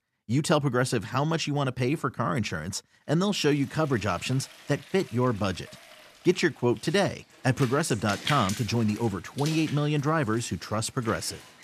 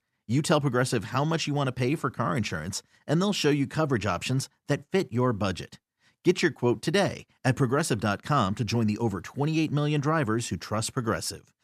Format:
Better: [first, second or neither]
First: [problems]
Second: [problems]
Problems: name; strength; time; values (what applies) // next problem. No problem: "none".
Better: second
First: rain or running water; noticeable; from 3.5 s on; 15 dB below the speech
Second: none